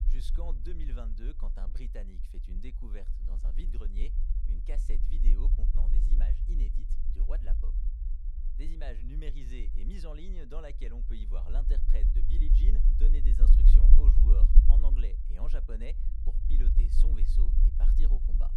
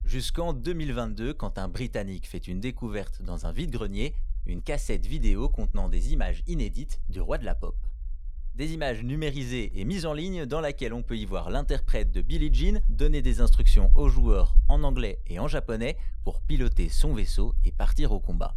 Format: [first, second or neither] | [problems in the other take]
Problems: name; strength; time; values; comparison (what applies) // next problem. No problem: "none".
second | low rumble; loud; throughout; 2 dB below the speech; faint in the second